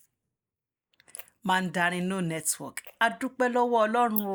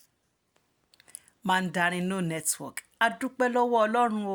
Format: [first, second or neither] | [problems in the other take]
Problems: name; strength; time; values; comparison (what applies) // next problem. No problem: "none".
second | noise reduction (neural mask model Resemble Enhance denoiser)